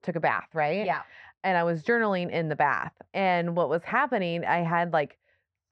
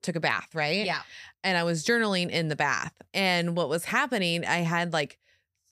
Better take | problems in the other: second | muffled; very; fading above 1.5 kHz

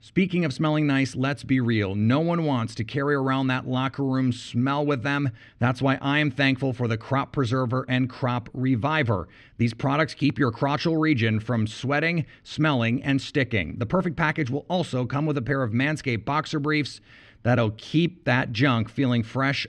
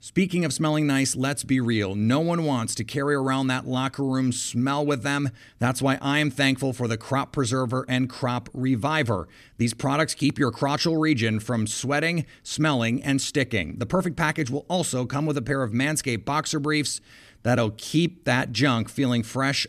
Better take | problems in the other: second | muffled; slightly; fading above 3 kHz

